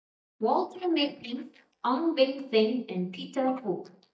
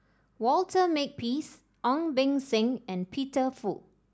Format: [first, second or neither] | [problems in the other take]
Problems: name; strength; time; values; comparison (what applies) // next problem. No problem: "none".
second | noise reduction (neural mask model DeepFilterNet 3)